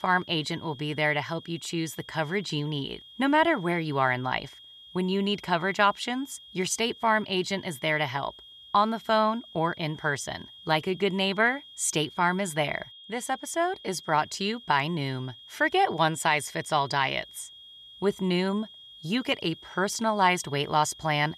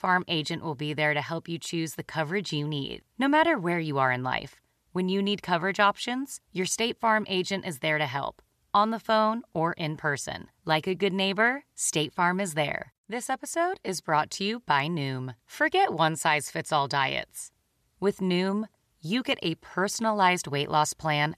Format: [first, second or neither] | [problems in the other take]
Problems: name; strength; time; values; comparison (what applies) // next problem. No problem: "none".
second | high-pitched whine; noticeable; throughout; 3.5 kHz, 20 dB below the speech